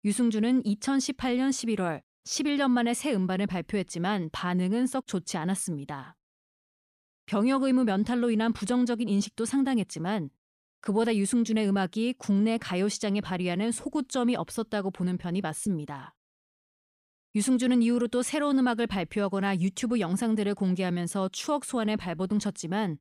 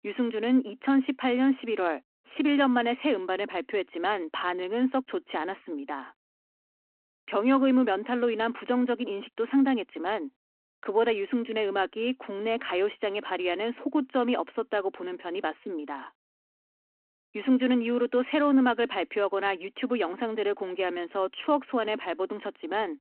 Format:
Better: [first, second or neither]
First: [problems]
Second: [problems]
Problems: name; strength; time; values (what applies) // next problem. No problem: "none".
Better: first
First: none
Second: phone-call audio